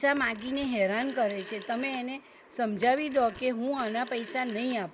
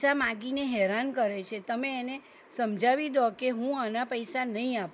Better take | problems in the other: second | background sound (Telephone); 18 dB below the speech

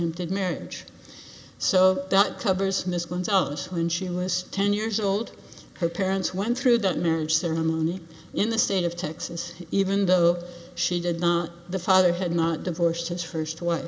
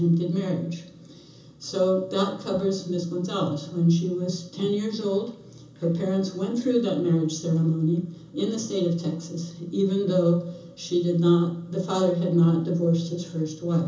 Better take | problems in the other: first | room echo; dies away in 0.6 s

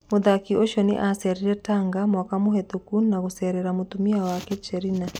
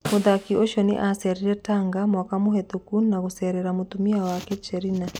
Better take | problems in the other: first | background sound (Snare drum); 15 dB below the speech

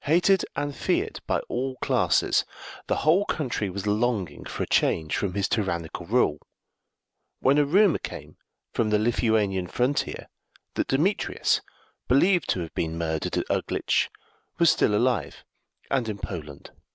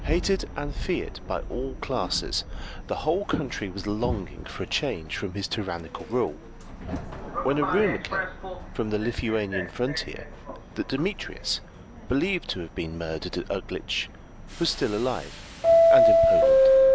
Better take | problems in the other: first | background sound (Subway, metro, underground); 3 dB above the speech

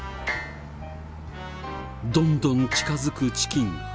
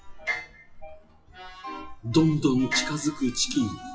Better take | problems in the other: first | noise reduction (classical method WPE with log-MMSE)

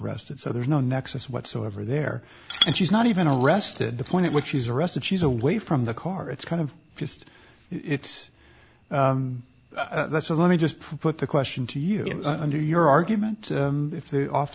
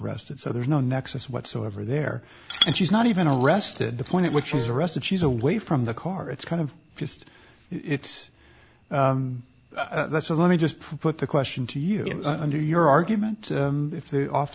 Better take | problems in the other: first | background sound (Wind instrument, woodwind instrument); 11 dB below the speech

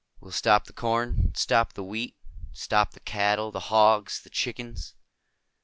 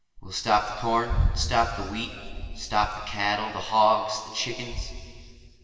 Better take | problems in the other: first | room echo; dies away in 2.5 s

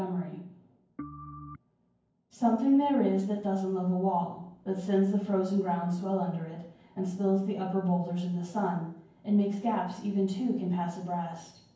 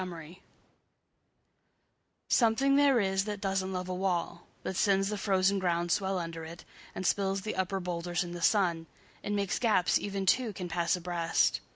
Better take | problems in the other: second | background sound (Organ); 15 dB below the speech // room echo; dies away in 0.9 s

